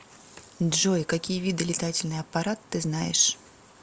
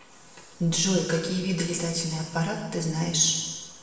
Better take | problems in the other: first | room echo; dies away in 1.2 s

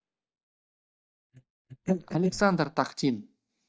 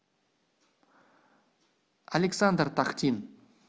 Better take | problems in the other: second | noise reduction (neural mask model DeepFilterNet 3)

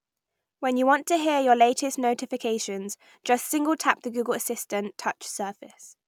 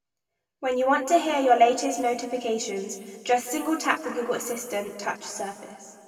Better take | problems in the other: first | room echo; dies away in 1.9 s

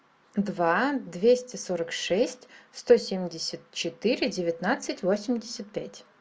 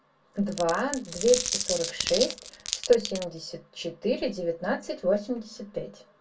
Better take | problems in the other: first | background sound (Glass); 5 dB below the speech // room echo; dies away in 0.1 s

